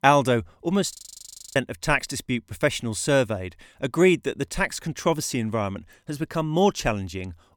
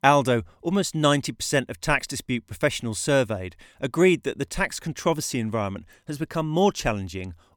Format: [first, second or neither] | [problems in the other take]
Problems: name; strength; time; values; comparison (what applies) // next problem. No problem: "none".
second | audio freezing; at 1 s for 0.5 s